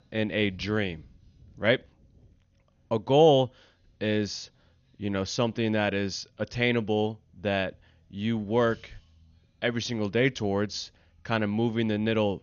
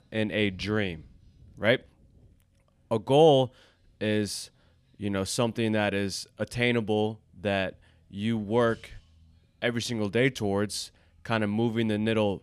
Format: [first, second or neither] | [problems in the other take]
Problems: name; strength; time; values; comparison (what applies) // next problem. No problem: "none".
second | garbled, watery; slightly; nothing above 6.5 kHz